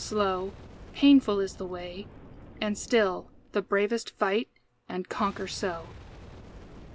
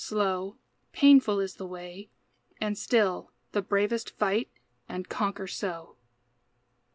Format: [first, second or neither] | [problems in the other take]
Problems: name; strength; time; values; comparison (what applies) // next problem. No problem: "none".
second | background sound (Boom); 18 dB below the speech